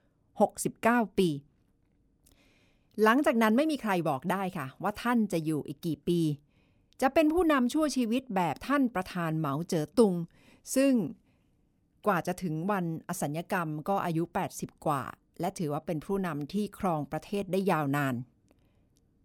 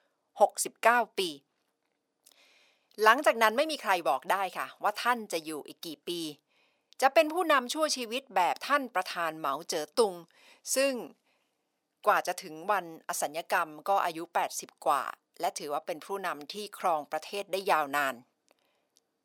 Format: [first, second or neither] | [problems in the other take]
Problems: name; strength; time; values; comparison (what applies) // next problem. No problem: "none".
first | thin; very; fading below 700 Hz